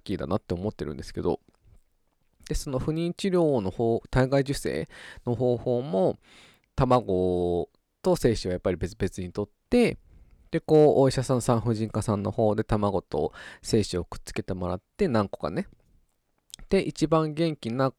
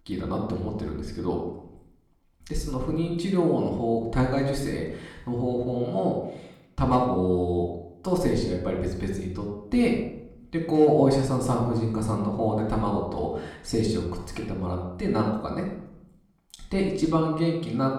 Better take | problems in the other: first | room echo; noticeable; dies away in 0.7 s // off-mic speech; far

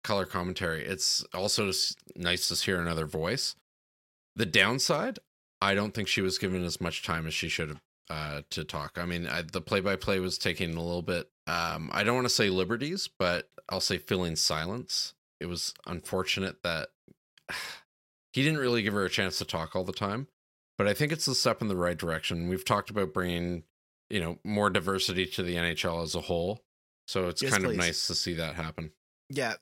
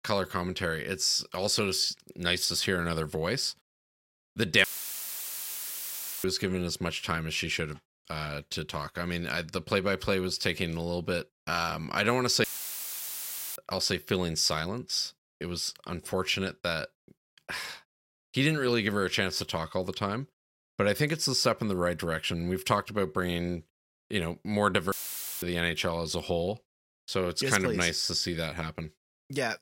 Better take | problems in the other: first | audio cutting out; filled with static; at 4.5 s for 1.5 s, at 12 s for 1 s and at 25 s for 0.5 s

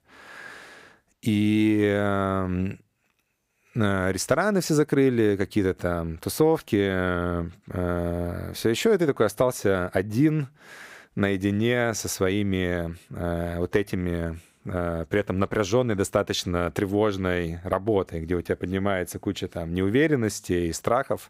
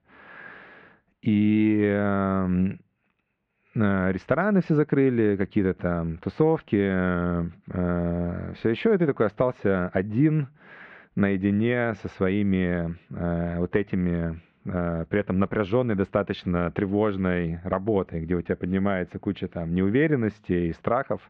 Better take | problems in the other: first | muffled; very; fading above 3 kHz

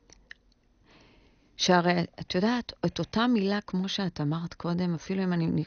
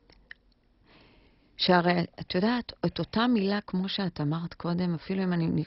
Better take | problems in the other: first | garbled, watery; badly; nothing above 5.5 kHz; slightly in the first

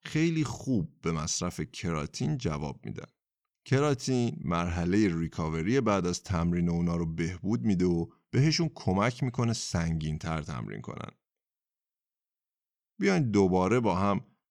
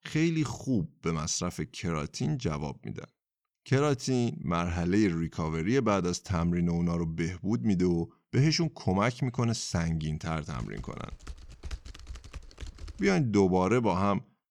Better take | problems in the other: first | keyboard typing; faint; from 11 to 13 s; peak 15 dB below the speech

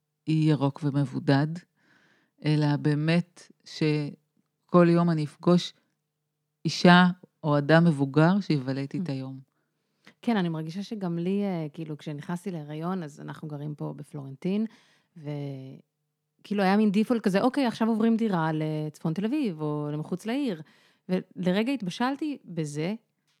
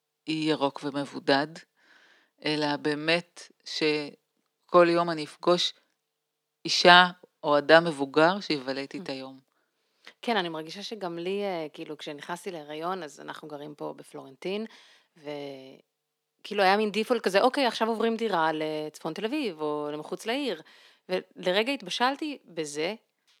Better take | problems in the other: first | thin; somewhat; fading below 500 Hz

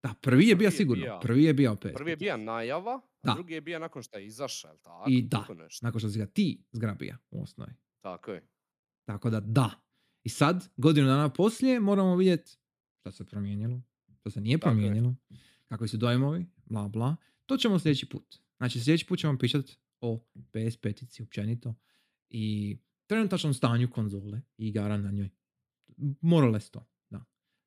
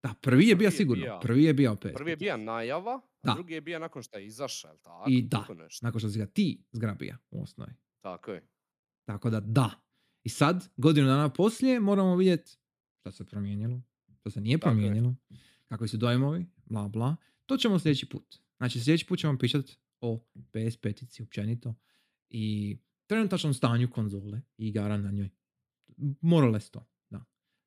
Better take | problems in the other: neither | none

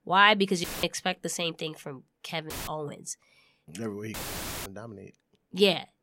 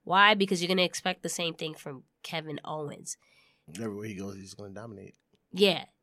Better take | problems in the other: second | audio cutting out; filled with static; at 0.5 s, at 2.5 s and at 4 s for 0.5 s

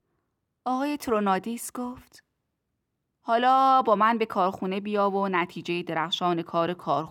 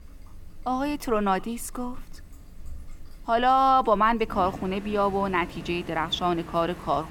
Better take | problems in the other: first | rain or running water; noticeable; throughout; 20 dB below the speech

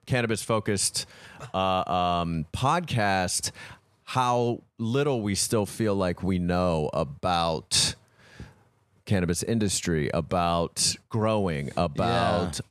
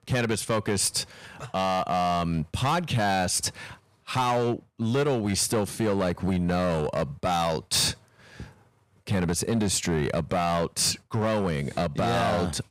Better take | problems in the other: first | distortion; slight; 10% of the sound clipped

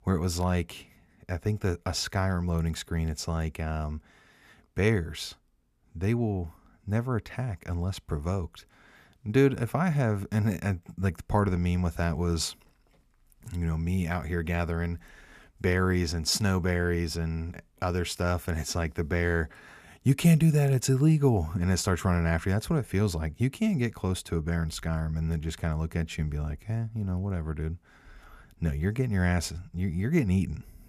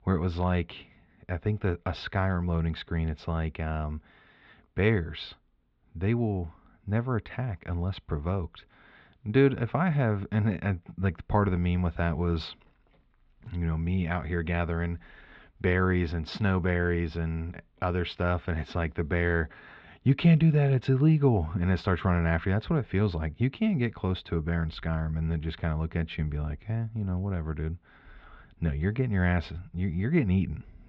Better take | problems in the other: first | muffled; very; fading above 3.5 kHz

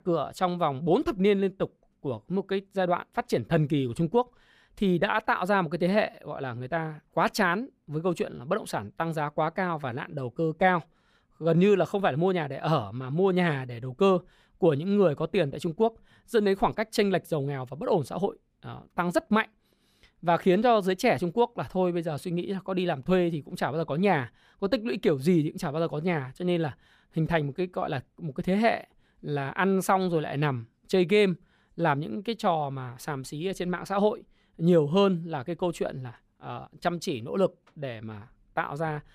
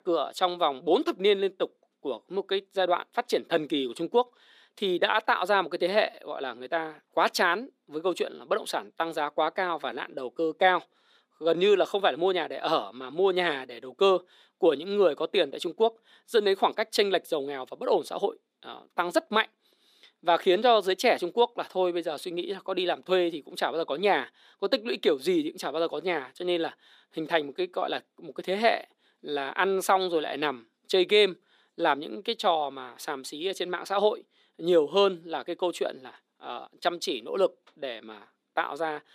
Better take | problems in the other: first | thin; somewhat; fading below 300 Hz

